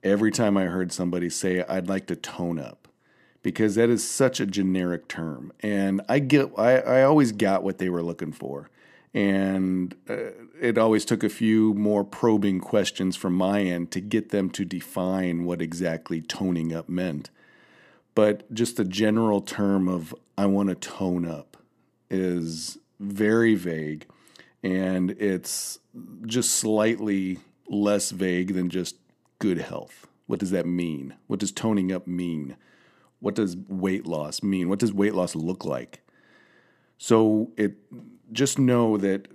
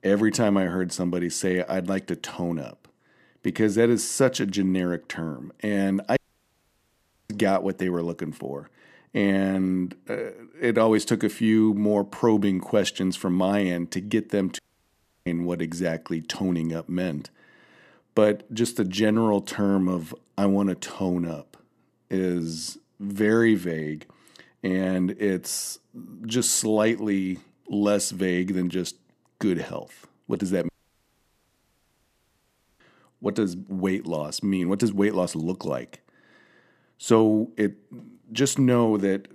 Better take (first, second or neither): first